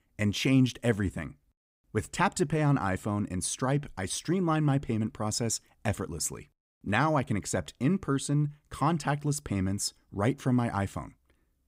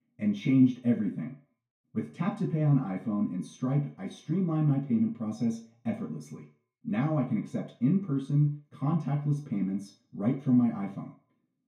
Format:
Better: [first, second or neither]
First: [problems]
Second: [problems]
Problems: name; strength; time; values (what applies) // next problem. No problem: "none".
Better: first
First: none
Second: room echo; slight; dies away in 0.4 s // off-mic speech; far